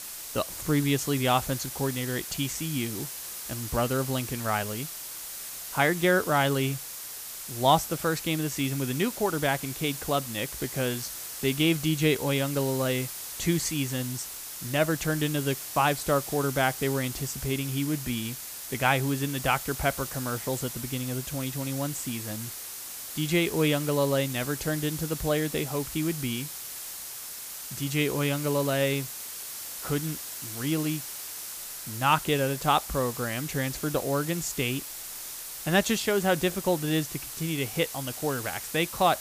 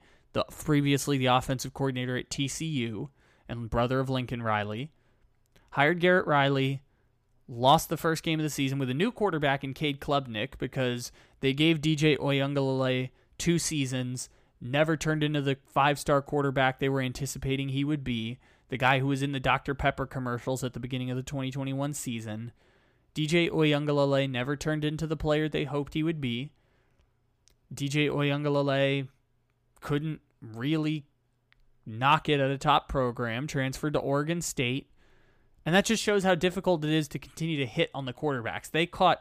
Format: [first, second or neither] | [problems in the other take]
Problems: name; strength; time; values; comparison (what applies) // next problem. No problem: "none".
second | hiss; loud; throughout; 7 dB below the speech